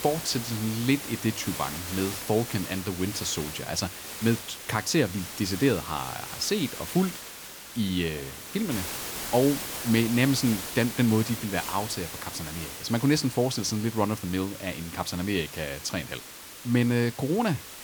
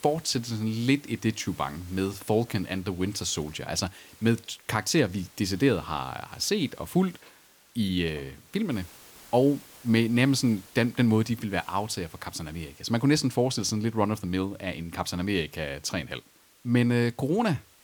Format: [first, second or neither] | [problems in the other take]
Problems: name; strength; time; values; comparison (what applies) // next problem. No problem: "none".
second | hiss; loud; throughout; 8 dB below the speech; faint in the second